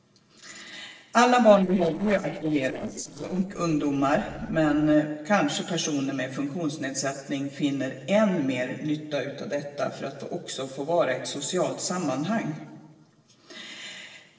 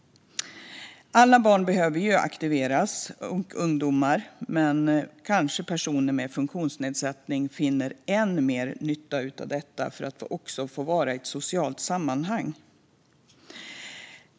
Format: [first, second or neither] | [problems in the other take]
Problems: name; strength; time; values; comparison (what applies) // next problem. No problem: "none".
second | noise reduction (neural separator model SepFormer DNS4)